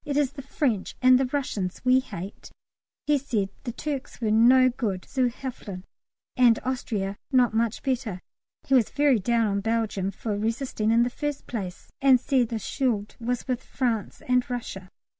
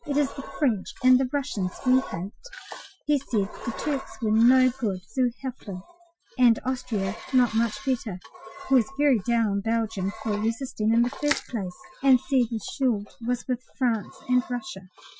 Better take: first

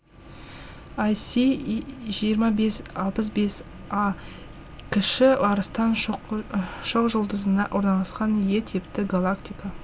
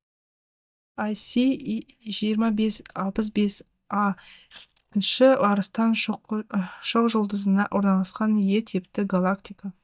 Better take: first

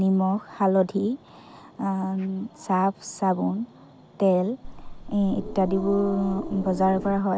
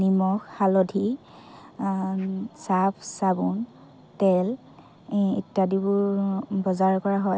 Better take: second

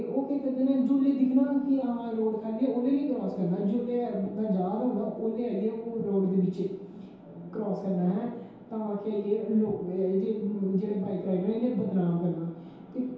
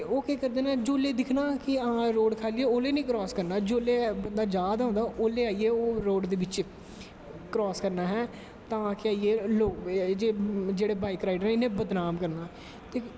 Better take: second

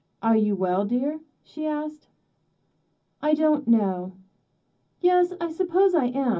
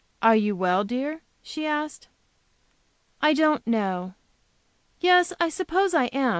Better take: second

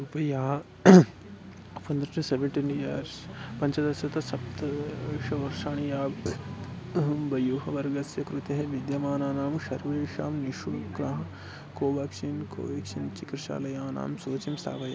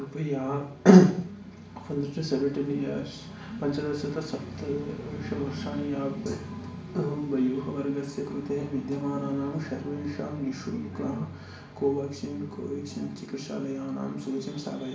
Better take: first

